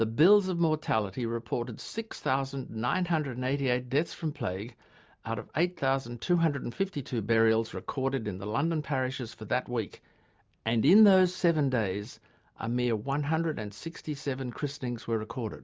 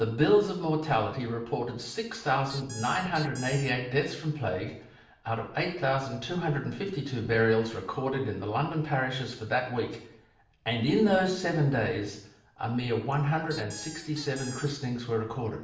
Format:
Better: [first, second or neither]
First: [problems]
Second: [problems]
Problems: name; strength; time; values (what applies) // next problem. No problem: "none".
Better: first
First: none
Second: background sound (Squeak); 15 dB below the speech // room echo; dies away in 0.6 s